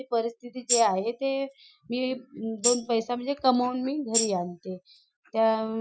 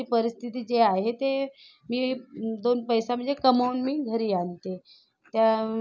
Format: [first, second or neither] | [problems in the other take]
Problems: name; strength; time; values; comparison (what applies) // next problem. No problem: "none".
second | noise reduction (classical method Wiener filter)